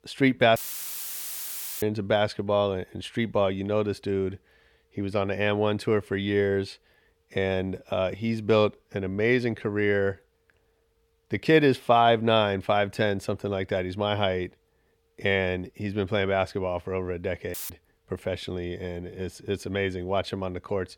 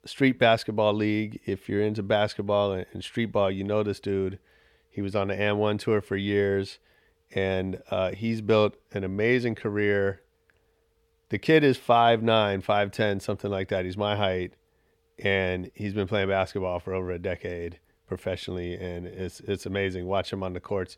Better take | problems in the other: second | audio cutting out; filled with static; at 0.5 s for 1.5 s and at 18 s

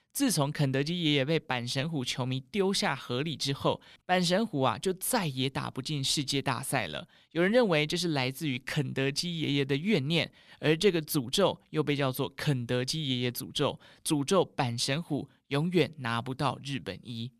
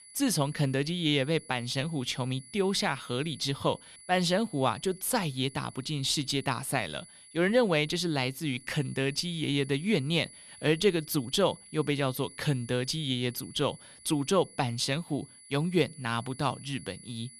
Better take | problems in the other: first | high-pitched whine; noticeable; throughout; 10 kHz, 20 dB below the speech

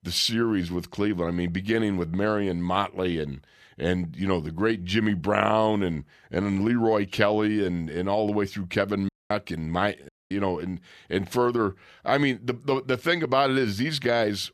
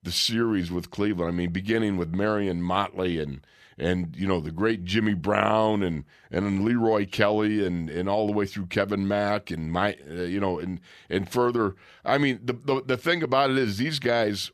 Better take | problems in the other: second | audio cutting out; at 9 s and at 10 s

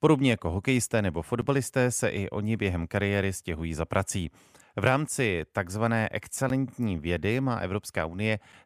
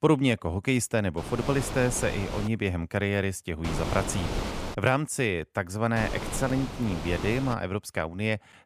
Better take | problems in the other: first | wind noise on the microphone; heavy; from 1 to 2.5 s, from 3.5 to 4.5 s and from 6 to 7.5 s; 7 dB below the speech

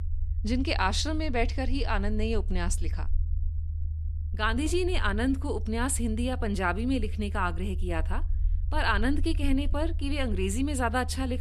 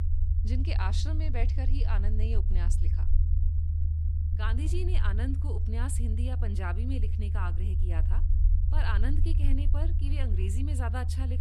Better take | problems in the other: first | low rumble; loud; throughout; 6 dB below the speech; faint in the first

